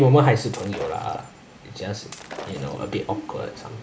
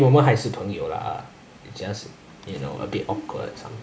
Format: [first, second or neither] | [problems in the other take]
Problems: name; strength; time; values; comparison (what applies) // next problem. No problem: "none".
second | background sound (Shatter); 17 dB below the speech